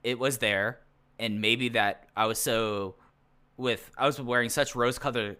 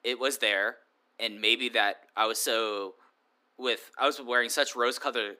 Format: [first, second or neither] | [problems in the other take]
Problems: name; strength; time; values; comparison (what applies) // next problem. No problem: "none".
first | thin; somewhat; fading below 300 Hz